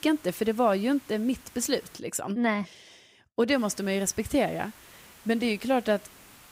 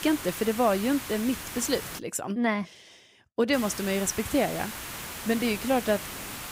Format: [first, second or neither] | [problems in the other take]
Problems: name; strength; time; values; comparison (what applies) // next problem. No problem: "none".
first | hiss; loud; until 2 s and from 3.5 s on; 8 dB below the speech; faint in the first